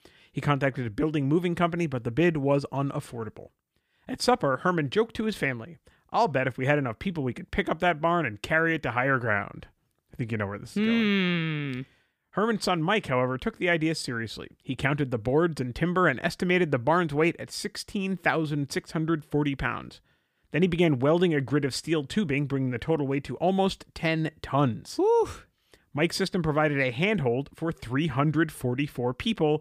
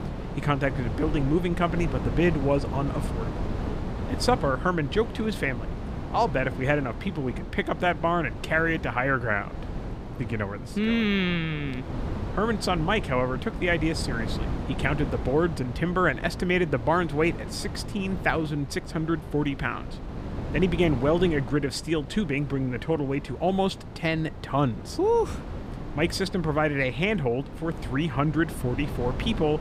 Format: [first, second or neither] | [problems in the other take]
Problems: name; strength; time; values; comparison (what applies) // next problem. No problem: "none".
first | wind noise on the microphone; occasional gusts; 15 dB below the speech